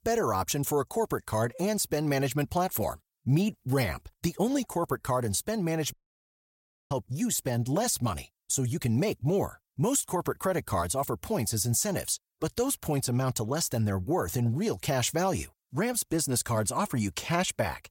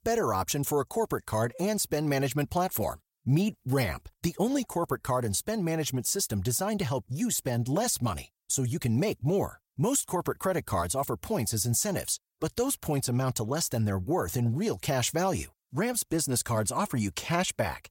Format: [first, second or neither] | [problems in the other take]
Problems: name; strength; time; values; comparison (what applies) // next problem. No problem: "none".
second | audio cutting out; at 6 s for 1 s